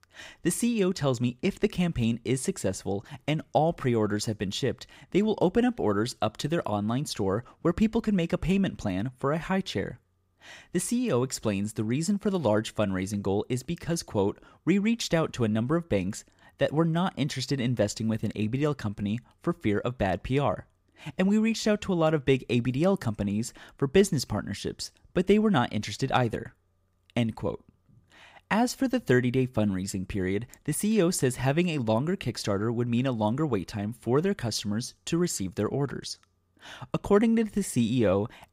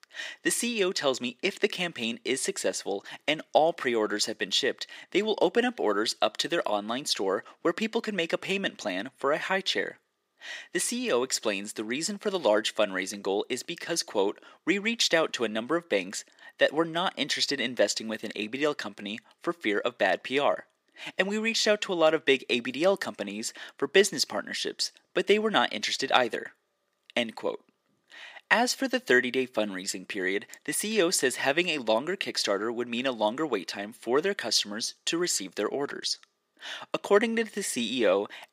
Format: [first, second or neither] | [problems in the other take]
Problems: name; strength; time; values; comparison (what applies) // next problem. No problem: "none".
first | thin; somewhat; fading below 300 Hz